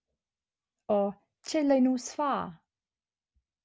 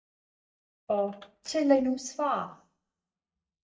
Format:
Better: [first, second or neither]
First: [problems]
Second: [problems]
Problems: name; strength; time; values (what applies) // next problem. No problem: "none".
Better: first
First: none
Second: noise reduction (neural mask model DeepFilterNet 3)